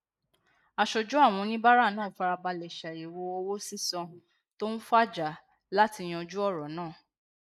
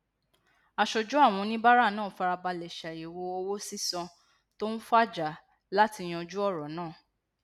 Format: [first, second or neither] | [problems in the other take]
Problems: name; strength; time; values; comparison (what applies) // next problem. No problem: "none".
second | noise reduction (neural mask model Resemble Enhance denoiser)